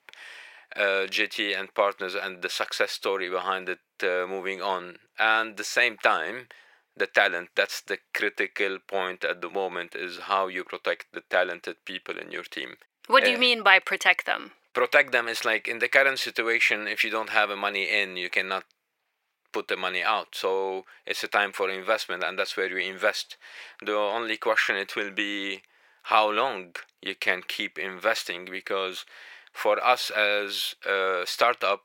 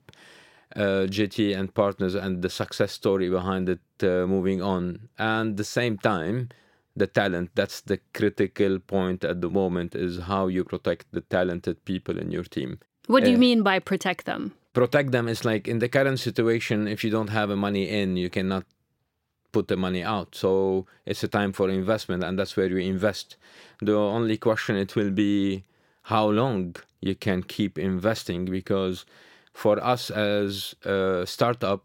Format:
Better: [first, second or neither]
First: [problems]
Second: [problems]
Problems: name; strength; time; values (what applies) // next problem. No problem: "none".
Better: second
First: thin; very; fading below 750 Hz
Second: none